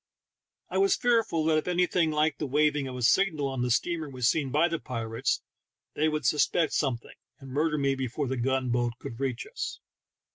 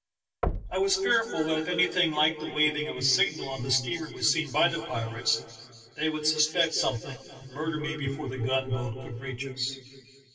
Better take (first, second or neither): first